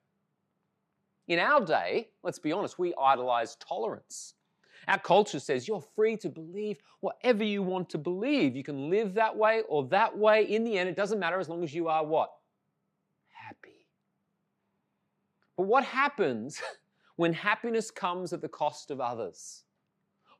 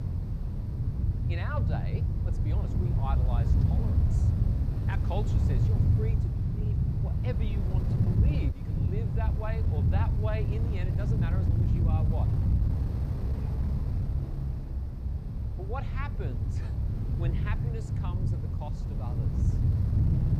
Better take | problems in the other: first | wind noise on the microphone; heavy; as loud as the speech

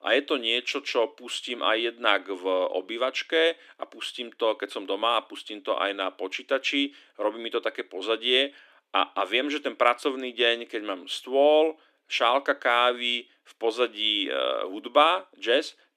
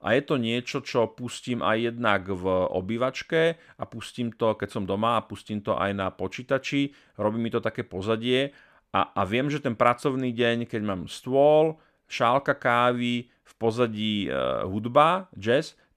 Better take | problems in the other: second | thin; somewhat; fading below 300 Hz

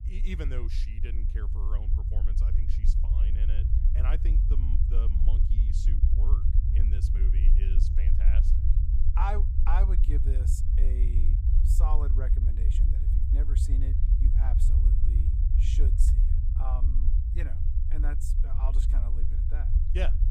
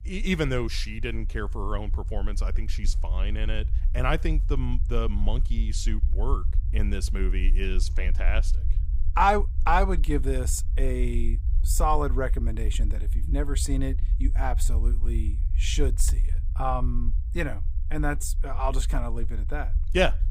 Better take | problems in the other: second | low rumble; loud; throughout; 3 dB below the speech; faint in the second

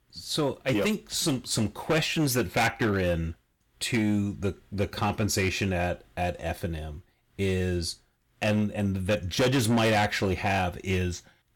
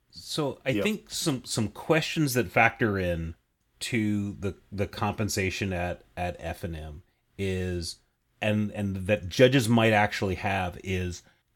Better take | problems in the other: second | distortion; heavy; 8% of the sound clipped

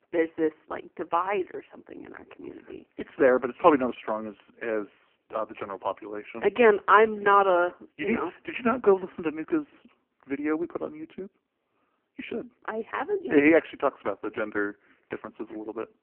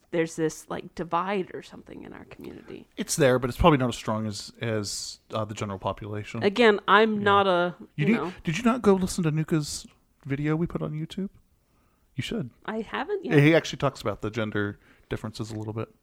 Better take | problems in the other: second | phone-call audio; poor line

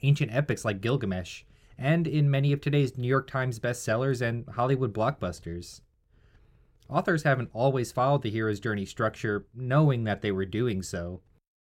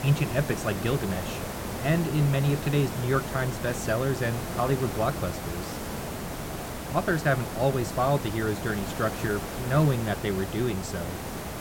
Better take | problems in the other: first | hiss; loud; throughout; 6 dB below the speech

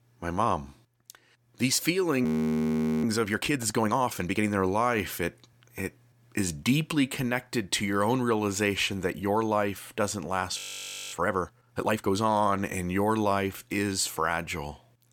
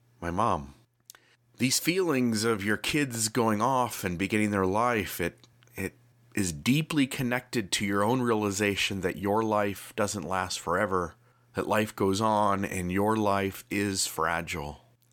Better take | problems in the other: second | audio freezing; at 2 s for 1 s and at 11 s for 0.5 s

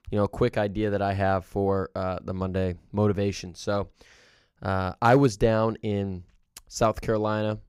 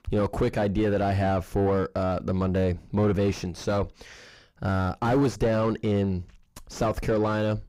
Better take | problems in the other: first | distortion; heavy; 5 dB below the speech

